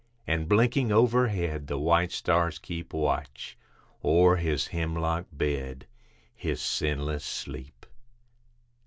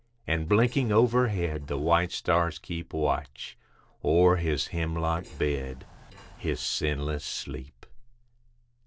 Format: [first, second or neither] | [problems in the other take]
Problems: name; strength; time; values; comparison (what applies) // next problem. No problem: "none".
first | noise reduction (neural separator model SepFormer DNS4)